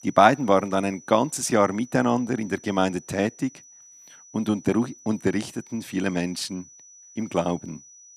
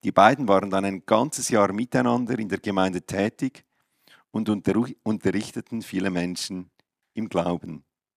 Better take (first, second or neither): second